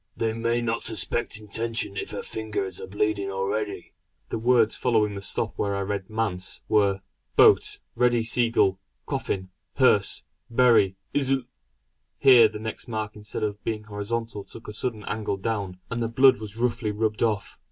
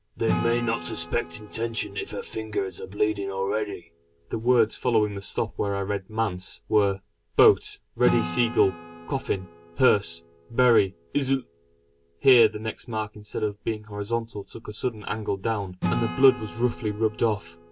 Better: first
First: none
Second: background sound (Acoustic guitar / Strum); 13 dB below the speech

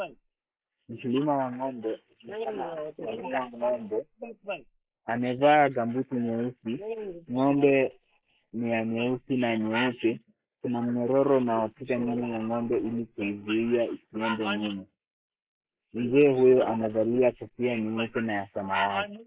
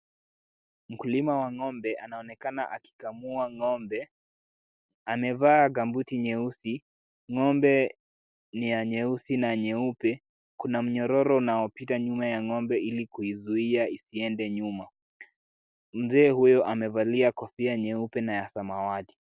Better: second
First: noise reduction (neural mask model Resemble Enhance denoiser)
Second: none

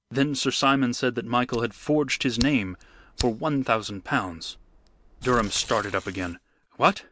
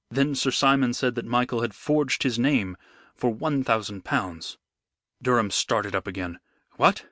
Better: second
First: background sound (Fire + Tearing); 16 dB below the speech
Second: none

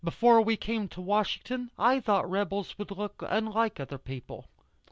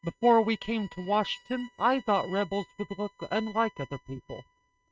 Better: first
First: none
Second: noise reduction (neural mask model RNNoise)

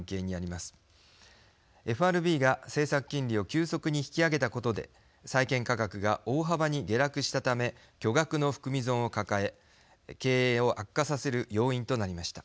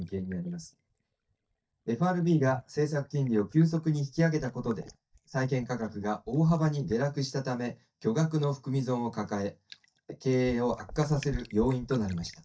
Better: first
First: none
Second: noise reduction (neural mask model DeepFilterNet 3)

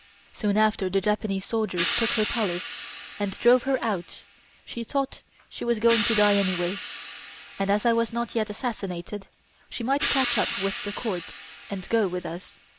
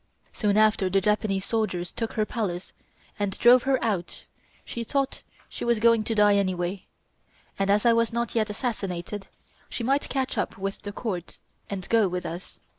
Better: second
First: background sound (Hi-hat); 9 dB below the speech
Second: none

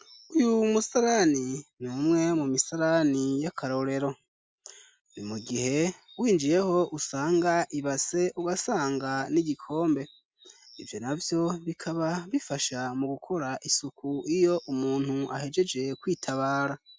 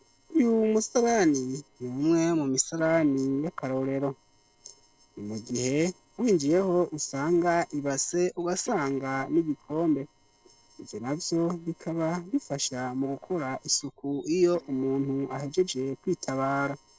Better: first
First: none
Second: noise reduction (neural separator model SepFormer DNS4)

